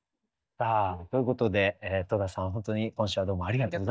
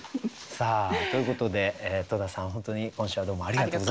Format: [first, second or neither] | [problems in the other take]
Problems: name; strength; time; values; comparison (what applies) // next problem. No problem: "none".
second | noise reduction (neural mask model DeepFilterNet 3)